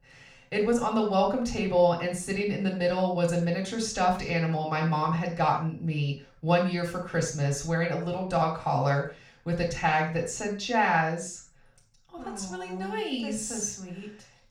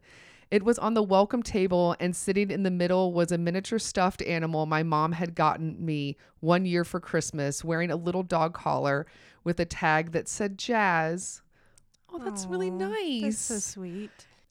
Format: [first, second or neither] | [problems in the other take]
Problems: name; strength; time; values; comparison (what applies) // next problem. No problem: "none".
second | room echo; noticeable; dies away in 0.4 s // off-mic speech; far